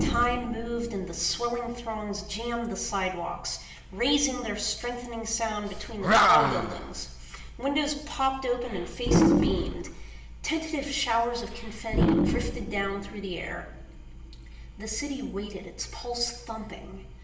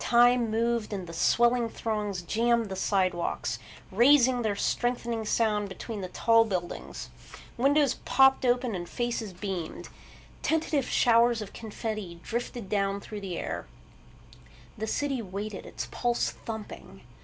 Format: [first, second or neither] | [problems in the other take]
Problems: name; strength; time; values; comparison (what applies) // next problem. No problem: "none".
second | background sound (Animal); as loud as the speech // room echo; dies away in 0.8 s